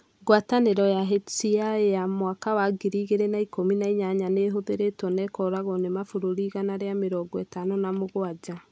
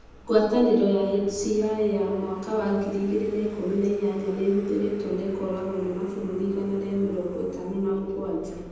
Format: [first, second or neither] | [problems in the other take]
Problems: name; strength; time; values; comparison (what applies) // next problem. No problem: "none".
first | background sound (Vehicle); 20 dB below the speech // room echo; dies away in 1.1 s